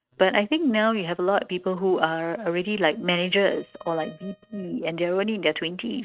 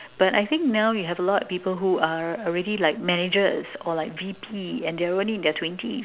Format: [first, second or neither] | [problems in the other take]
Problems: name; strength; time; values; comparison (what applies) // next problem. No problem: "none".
second | noise reduction (neural mask model RNNoise)